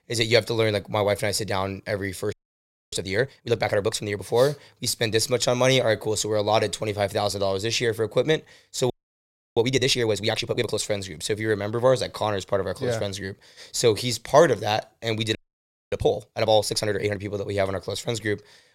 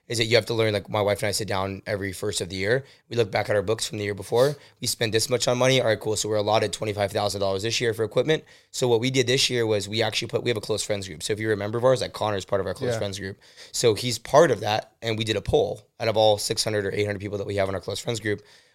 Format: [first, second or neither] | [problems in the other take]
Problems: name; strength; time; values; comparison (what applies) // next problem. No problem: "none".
second | audio freezing; at 2.5 s for 0.5 s, at 9 s for 0.5 s and at 15 s for 0.5 s